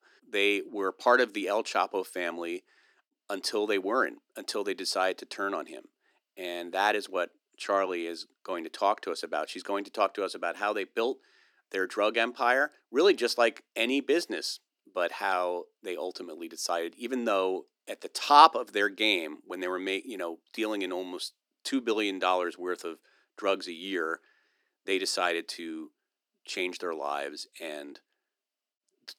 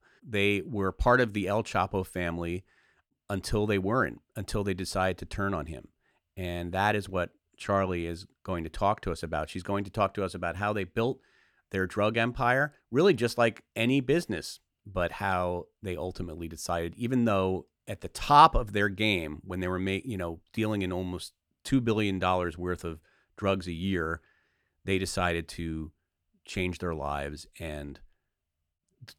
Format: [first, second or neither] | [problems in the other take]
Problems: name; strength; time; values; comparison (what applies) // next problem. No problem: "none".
second | thin; somewhat; fading below 300 Hz